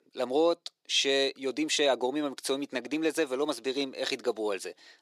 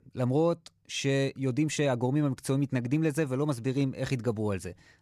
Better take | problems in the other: second | thin; somewhat; fading below 350 Hz

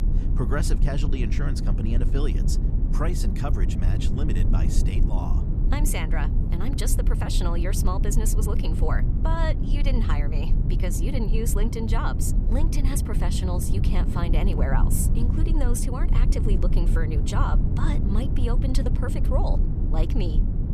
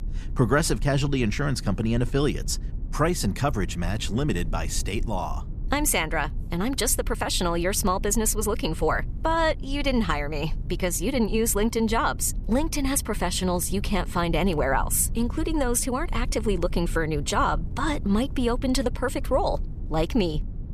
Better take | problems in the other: second | low rumble; loud; throughout; 5 dB below the speech; faint in the second

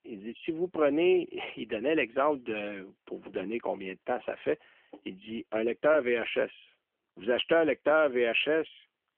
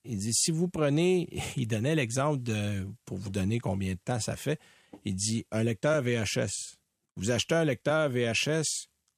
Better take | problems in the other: second | phone-call audio; nothing above 3 kHz

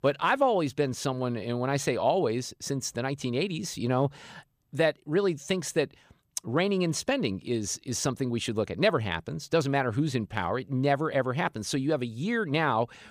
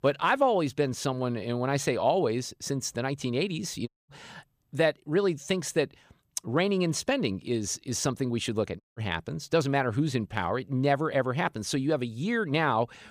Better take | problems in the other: first | audio cutting out; at 4 s and at 9 s

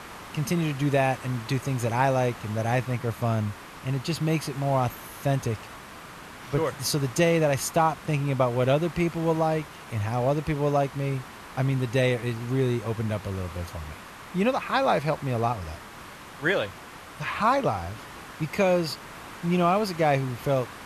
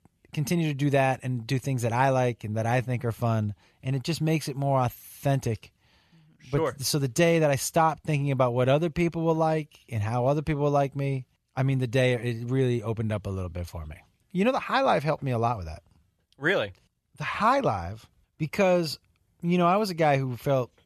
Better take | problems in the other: second | hiss; noticeable; throughout; 15 dB below the speech

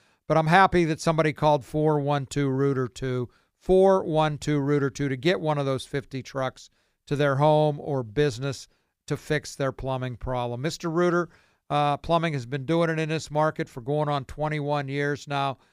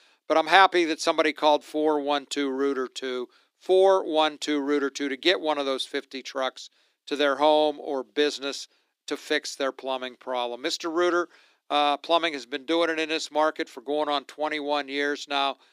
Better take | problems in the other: first | thin; somewhat; fading below 300 Hz

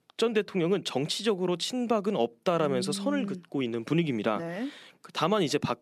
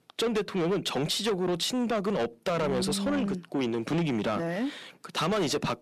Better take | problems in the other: first | distortion; heavy; 7 dB below the speech

